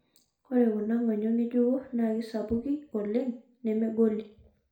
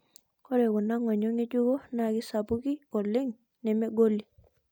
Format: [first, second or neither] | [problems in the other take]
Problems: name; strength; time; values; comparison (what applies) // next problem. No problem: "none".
second | room echo; dies away in 0.4 s